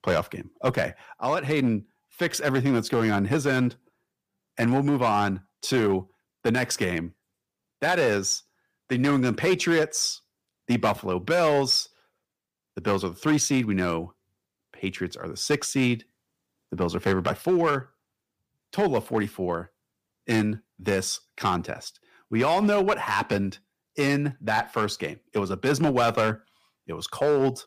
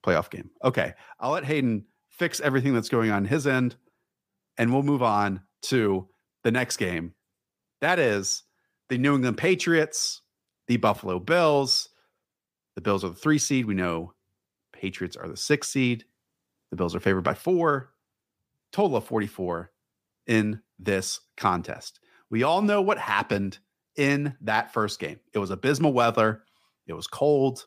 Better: second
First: distortion; slight; 4% of the sound clipped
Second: none

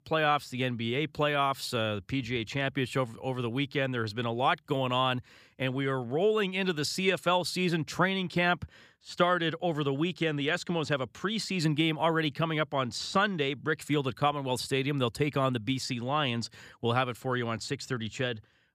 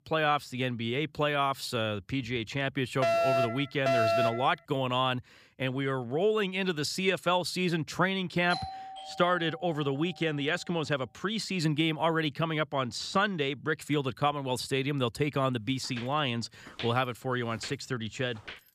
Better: first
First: none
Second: alarm; loud; from 3 to 4.5 s; peak 4 dB above the speech // doorbell; noticeable; from 8.5 to 10 s; peak 8 dB below the speech // footsteps; faint; from 16 s on; peak 10 dB below the speech

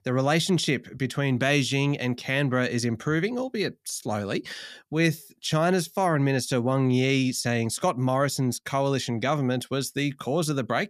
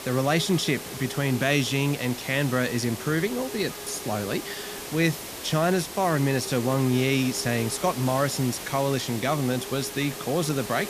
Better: first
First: none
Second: hiss; loud; throughout; 9 dB below the speech

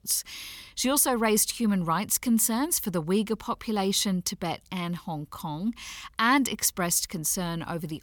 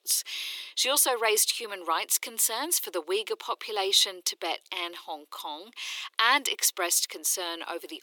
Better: first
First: none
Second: thin; very; fading below 350 Hz

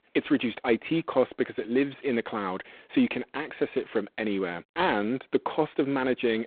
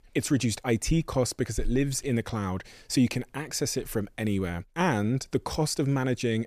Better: second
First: phone-call audio; poor line; nothing above 3.5 kHz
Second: none

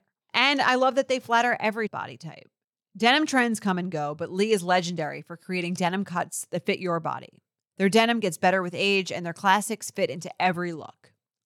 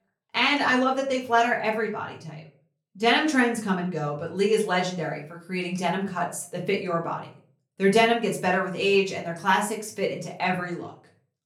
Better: first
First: none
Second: off-mic speech; far // room echo; slight; dies away in 0.4 s

